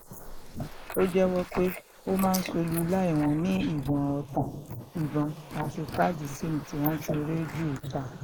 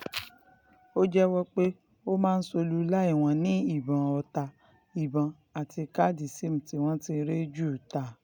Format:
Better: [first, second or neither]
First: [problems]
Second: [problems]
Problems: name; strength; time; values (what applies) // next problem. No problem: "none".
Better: second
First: noise reduction (neural mask model Resemble Enhance denoiser)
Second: none